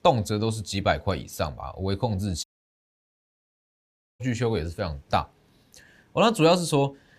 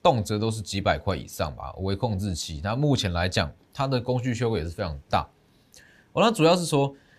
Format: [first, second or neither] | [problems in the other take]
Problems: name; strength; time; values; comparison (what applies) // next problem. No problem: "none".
second | audio cutting out; at 2.5 s for 2 s